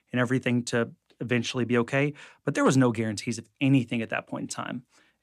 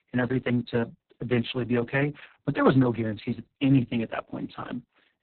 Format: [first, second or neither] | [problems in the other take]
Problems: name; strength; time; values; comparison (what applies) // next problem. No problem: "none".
first | garbled, watery; badly; nothing above 4 kHz